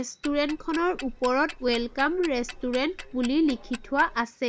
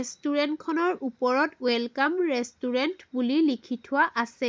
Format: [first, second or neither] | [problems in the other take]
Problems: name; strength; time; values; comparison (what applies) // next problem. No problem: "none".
second | background sound (Tick-tock); 14 dB below the speech